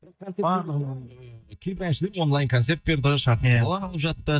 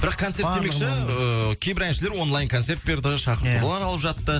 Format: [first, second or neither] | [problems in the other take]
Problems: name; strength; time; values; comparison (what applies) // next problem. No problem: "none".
second | noise reduction (neural mask model DeepFilterNet 3)